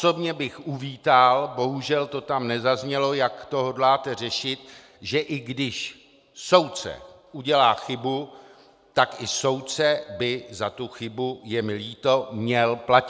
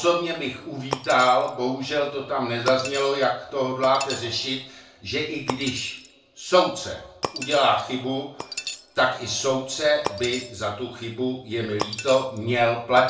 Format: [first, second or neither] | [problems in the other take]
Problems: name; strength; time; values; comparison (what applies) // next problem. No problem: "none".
first | background sound (Shatter); 13 dB below the speech // room echo; dies away in 0.3 s